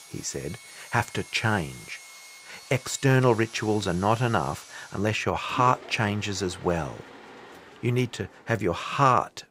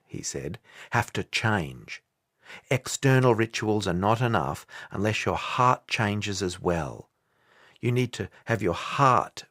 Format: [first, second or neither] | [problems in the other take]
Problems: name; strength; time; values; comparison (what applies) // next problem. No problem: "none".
second | machinery noise; noticeable; throughout; 20 dB below the speech